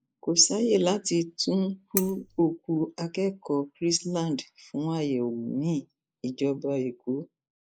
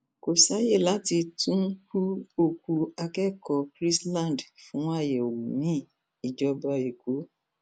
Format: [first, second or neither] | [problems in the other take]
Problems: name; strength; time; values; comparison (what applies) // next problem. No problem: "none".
second | noise reduction (neural mask model Resemble Enhance denoiser)